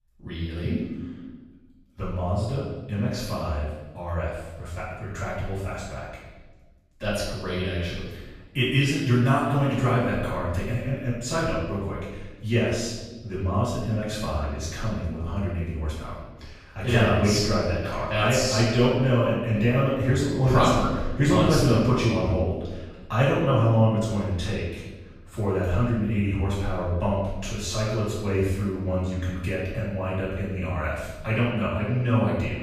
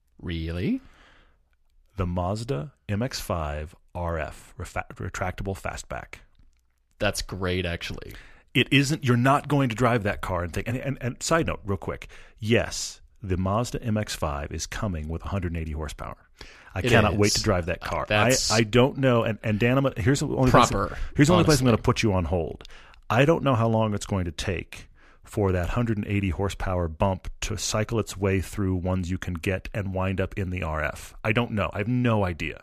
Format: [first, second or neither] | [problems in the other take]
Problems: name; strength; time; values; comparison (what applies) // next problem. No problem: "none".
second | off-mic speech; far // room echo; strong; dies away in 1.1 s